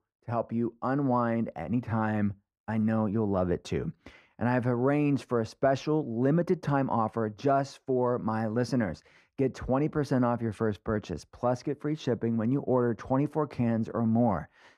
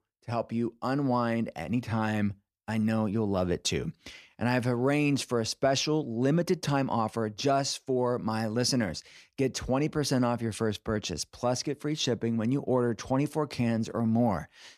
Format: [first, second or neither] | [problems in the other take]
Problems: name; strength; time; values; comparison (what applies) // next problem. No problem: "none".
second | muffled; very; fading above 2 kHz